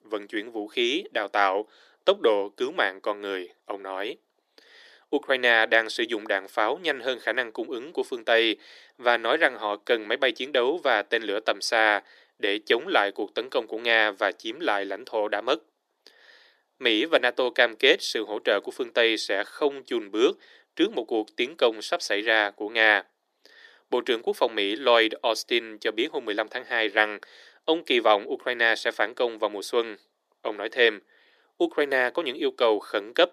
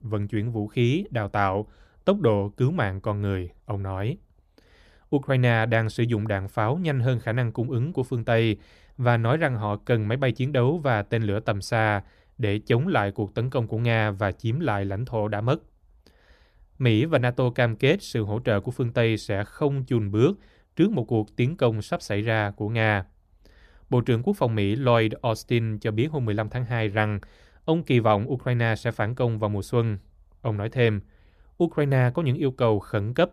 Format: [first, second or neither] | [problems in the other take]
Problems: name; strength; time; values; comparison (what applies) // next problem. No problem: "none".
second | thin; very; fading below 350 Hz